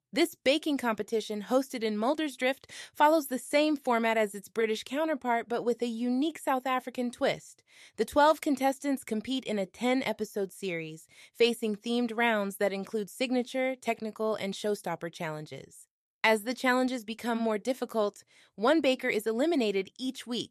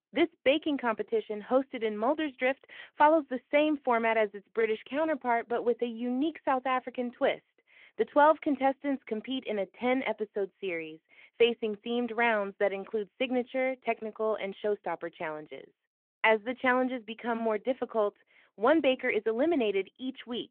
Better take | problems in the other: first | phone-call audio

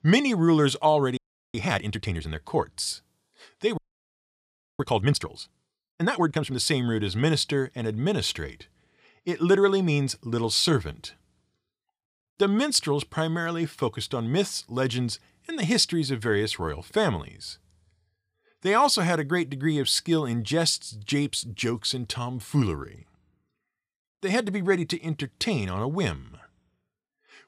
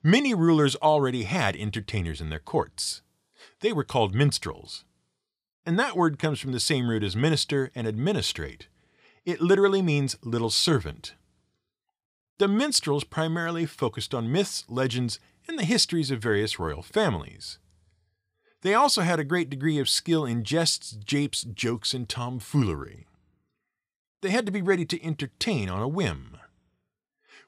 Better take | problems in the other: second | audio freezing; at 1 s and at 4 s for 1 s

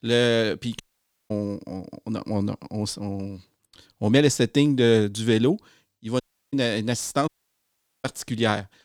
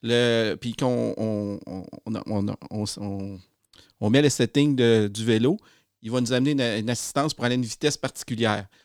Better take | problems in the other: second | audio cutting out; at 1 s for 0.5 s, at 6 s and at 7.5 s for 1 s

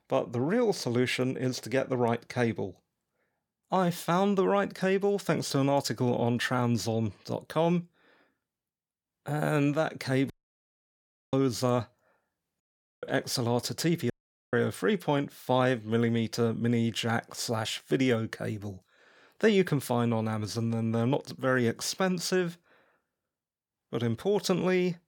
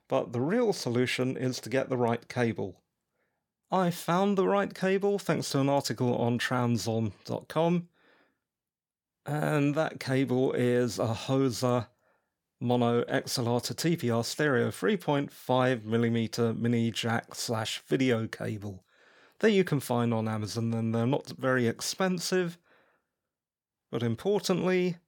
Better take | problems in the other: second | audio cutting out; at 10 s for 1 s, at 13 s and at 14 s

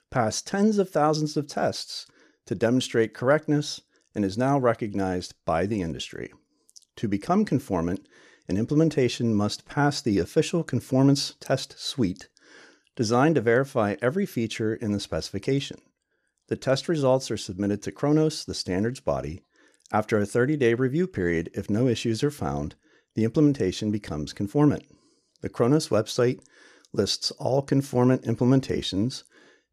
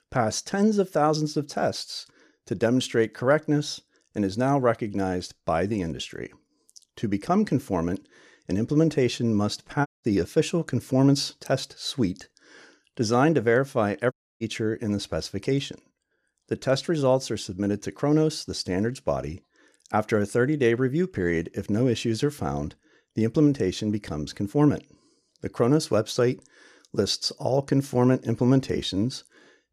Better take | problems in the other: first | audio cutting out; at 10 s and at 14 s

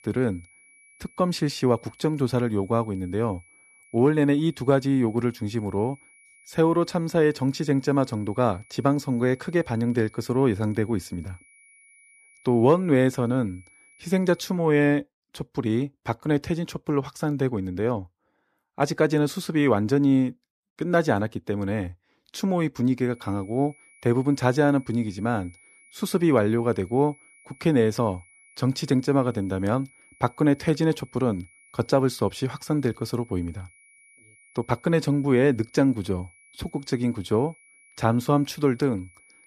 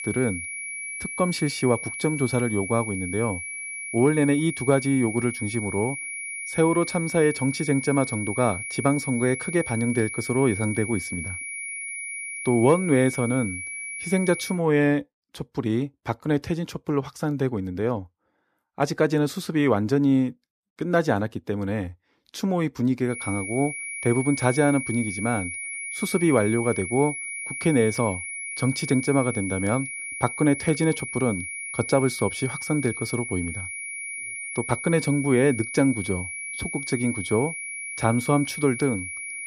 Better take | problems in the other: first | high-pitched whine; loud; until 15 s and from 23 s on; 2.5 kHz, 7 dB below the speech; faint in the first

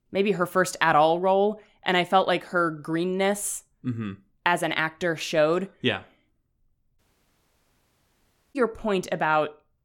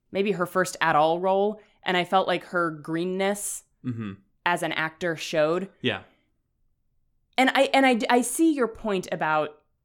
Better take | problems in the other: second | audio cutting out; at 7 s for 1.5 s

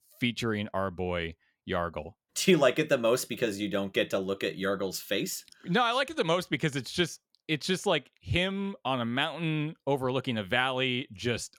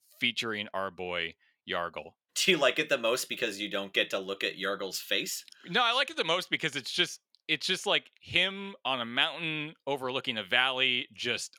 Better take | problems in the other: first | thin; very slightly; fading below 400 Hz

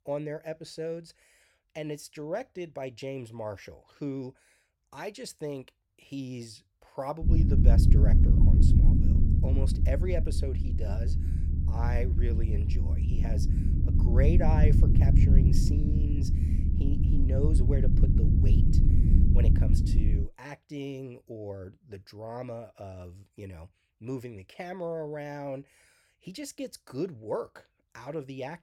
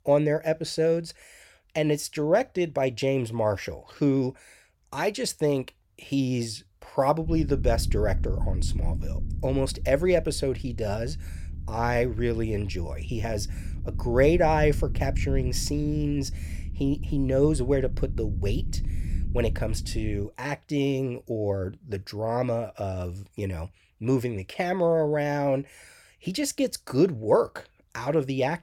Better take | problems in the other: second | low rumble; loud; from 7 to 20 s; as loud as the speech; faint in the second

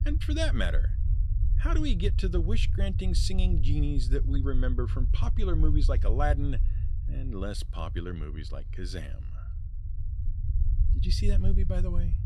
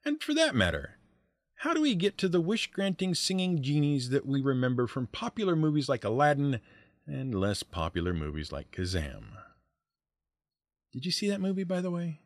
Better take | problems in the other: second | low rumble; noticeable; throughout; 10 dB below the speech

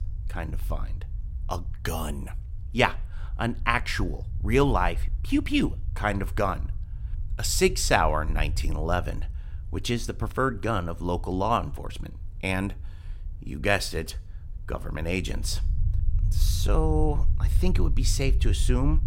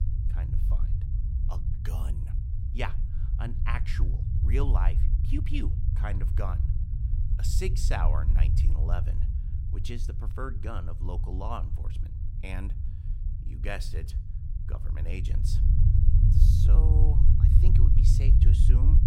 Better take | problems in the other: first | low rumble; loud; throughout; 4 dB below the speech; faint in the first

